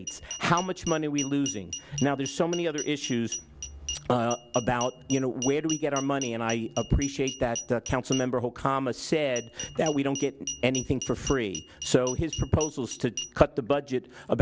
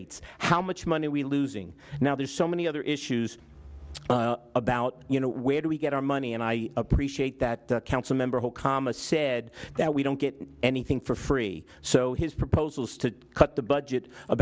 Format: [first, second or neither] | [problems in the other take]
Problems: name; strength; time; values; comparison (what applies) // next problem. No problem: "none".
second | background sound (Glass); 11 dB below the speech